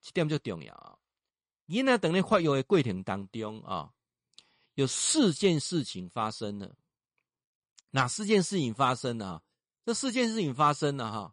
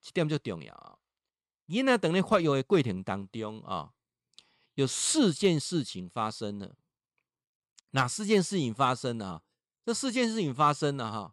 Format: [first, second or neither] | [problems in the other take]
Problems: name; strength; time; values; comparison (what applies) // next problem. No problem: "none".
second | garbled, watery; slightly; nothing above 9 kHz